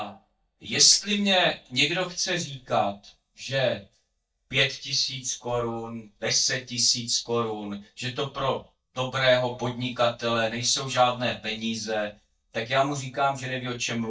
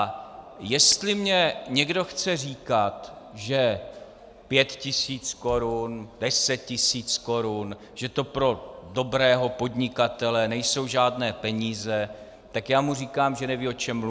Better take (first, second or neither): second